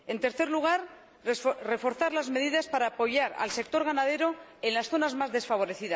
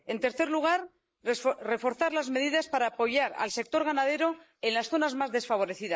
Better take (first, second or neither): first